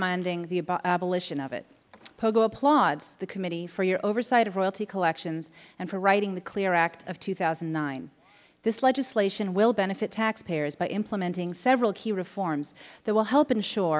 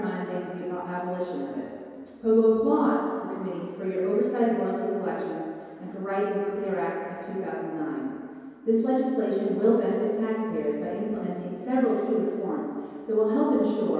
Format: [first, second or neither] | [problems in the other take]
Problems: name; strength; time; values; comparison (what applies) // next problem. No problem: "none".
first | room echo; dies away in 2.2 s